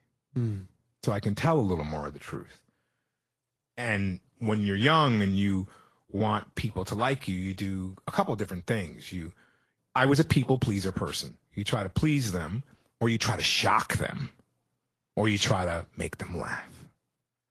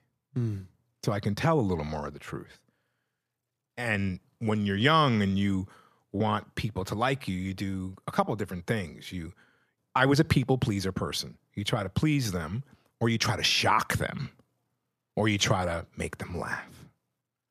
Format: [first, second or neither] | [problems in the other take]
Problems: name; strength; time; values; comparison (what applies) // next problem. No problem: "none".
second | garbled, watery; slightly; nothing above 14.5 kHz